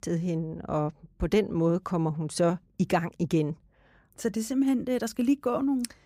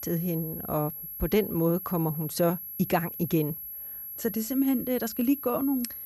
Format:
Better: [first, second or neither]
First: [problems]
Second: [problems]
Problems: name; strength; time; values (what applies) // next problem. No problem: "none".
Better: first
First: none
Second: high-pitched whine; loud; throughout; 11.5 kHz, 8 dB below the speech